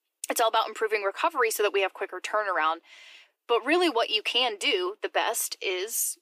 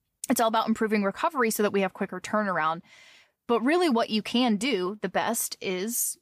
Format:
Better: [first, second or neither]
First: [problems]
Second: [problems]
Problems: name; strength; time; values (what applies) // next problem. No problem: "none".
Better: second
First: thin; very; fading below 300 Hz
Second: none